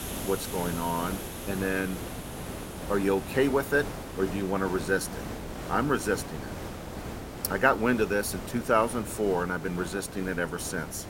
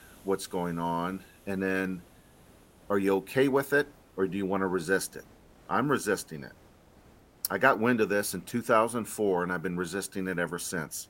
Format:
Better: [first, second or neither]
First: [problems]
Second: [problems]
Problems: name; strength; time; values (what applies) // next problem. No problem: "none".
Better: second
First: hiss; loud; throughout; 9 dB below the speech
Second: hiss; faint; throughout; 30 dB below the speech